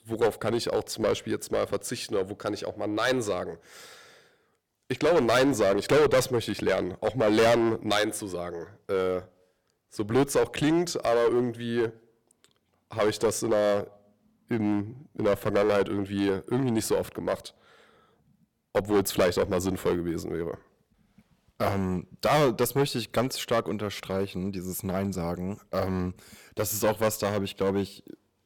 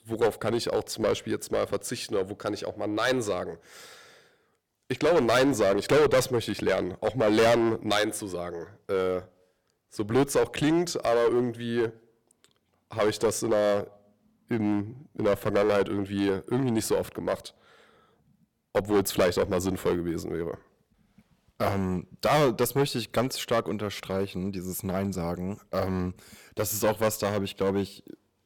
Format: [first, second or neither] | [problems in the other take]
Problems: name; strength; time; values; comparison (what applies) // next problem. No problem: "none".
neither | distortion; heavy; 6% of the sound clipped; the same in both